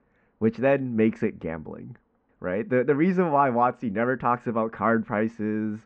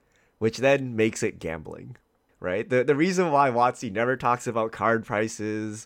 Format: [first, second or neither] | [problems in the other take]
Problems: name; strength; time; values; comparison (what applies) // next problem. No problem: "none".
second | muffled; very; fading above 1.5 kHz